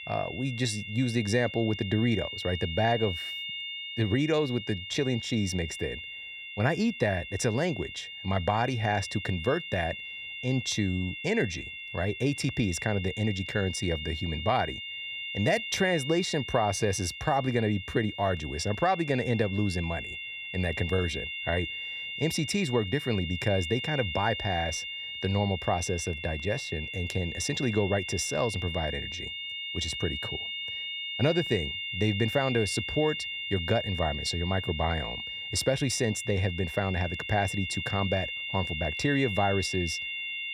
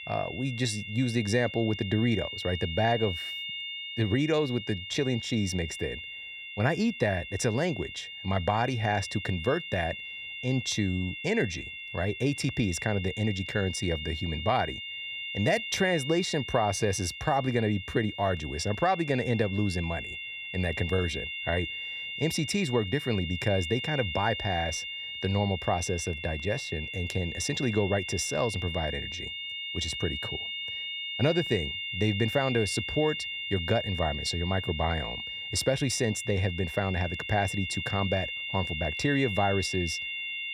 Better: neither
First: high-pitched whine; loud; throughout; 3 kHz, 6 dB below the speech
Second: high-pitched whine; loud; throughout; 3 kHz, 6 dB below the speech

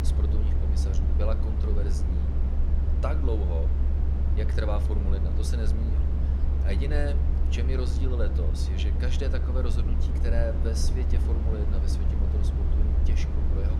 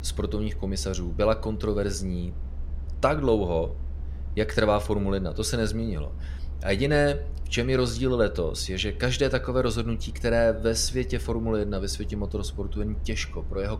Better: second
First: low rumble; loud; throughout; 3 dB below the speech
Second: low rumble; faint; throughout; 25 dB below the speech

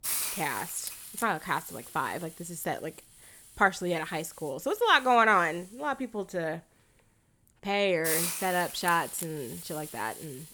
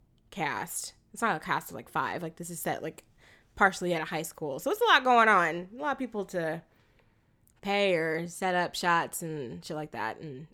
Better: second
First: hiss; loud; throughout; 6 dB below the speech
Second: none

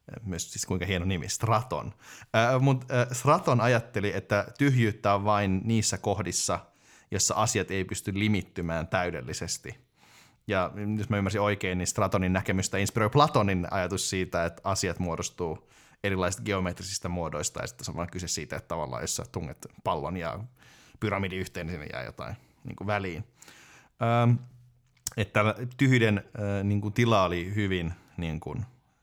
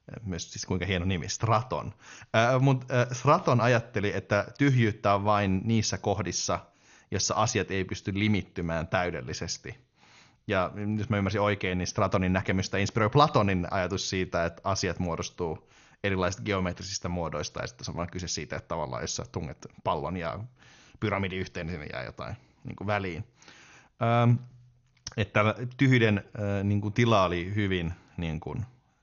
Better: first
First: none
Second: garbled, watery; slightly; nothing above 6.5 kHz

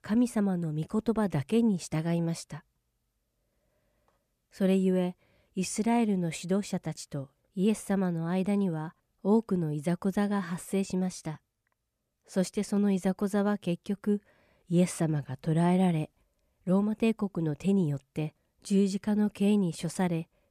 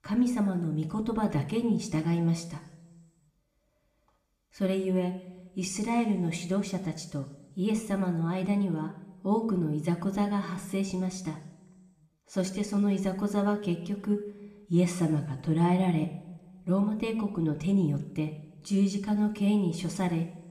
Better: first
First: none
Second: room echo; slight; dies away in 1 s

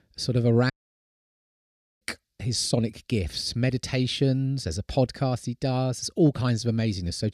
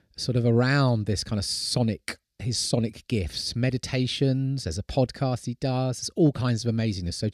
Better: second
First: audio cutting out; at 0.5 s for 1.5 s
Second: none

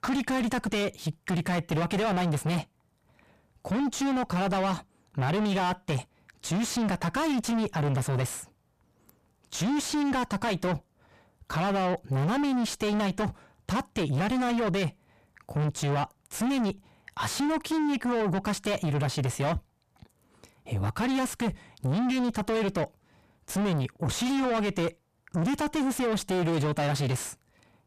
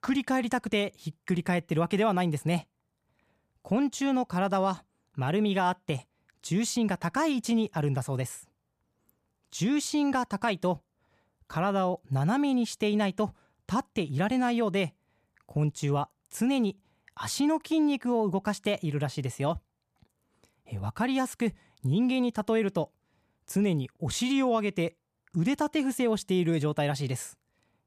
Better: second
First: distortion; heavy; 5 dB below the speech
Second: none

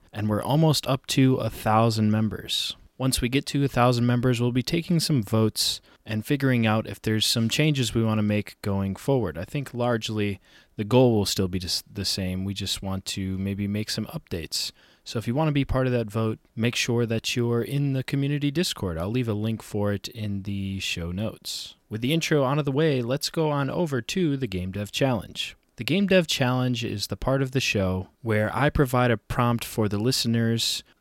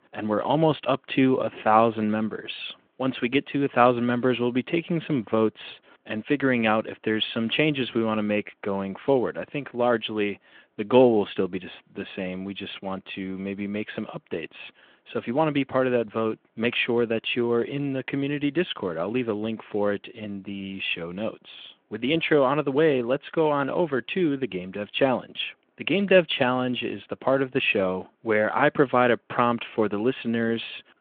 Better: first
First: none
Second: phone-call audio

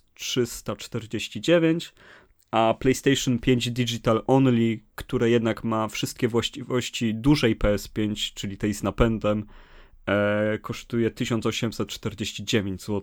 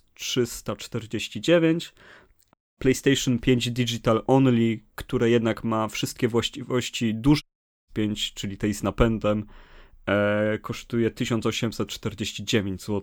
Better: first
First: none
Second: audio cutting out; at 2.5 s and at 7.5 s

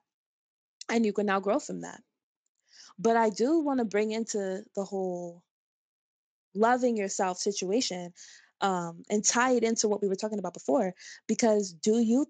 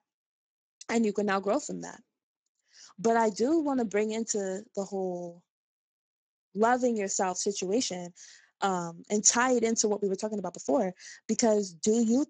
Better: first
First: garbled, watery; slightly; nothing above 7.5 kHz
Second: garbled, watery; badly

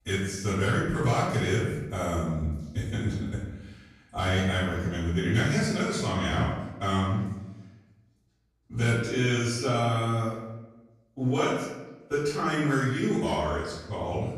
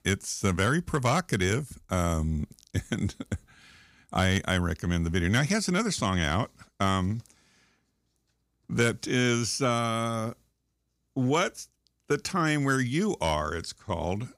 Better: second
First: off-mic speech; far // room echo; strong; dies away in 1 s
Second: none

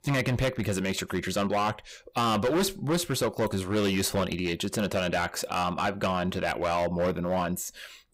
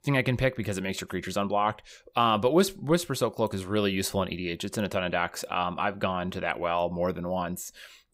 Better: second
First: distortion; heavy; 12% of the sound clipped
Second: none

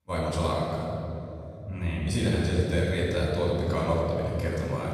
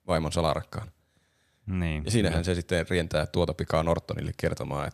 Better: second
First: off-mic speech; far // room echo; strong; dies away in 2.9 s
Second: none

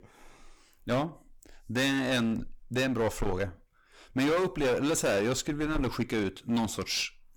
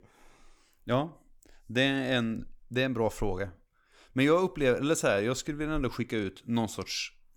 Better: second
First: distortion; heavy; 14% of the sound clipped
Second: none

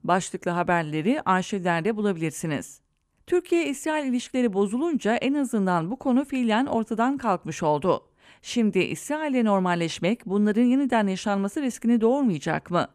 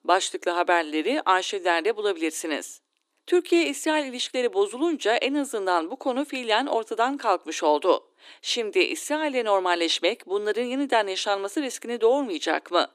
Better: first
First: none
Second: thin; somewhat; fading below 300 Hz

